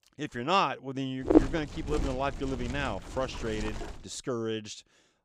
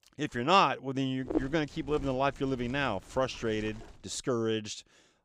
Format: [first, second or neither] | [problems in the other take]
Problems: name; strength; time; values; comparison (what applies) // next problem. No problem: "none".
second | wind noise on the microphone; heavy; from 1.5 to 4 s; 1 dB below the speech; occasional gusts in the second